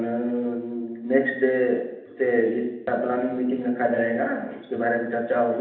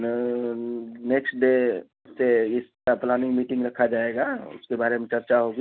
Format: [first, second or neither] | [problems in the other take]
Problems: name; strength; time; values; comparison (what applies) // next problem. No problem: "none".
second | room echo; dies away in 0.8 s